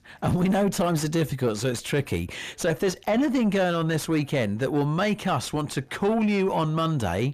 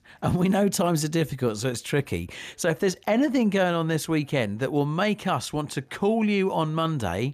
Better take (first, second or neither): second